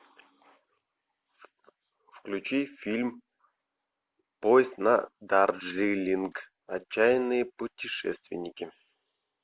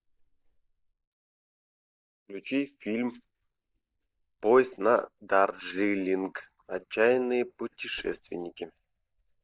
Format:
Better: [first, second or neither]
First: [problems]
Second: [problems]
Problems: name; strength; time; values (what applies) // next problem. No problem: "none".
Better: first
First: none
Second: noise reduction (neural mask model DeepFilterNet 3)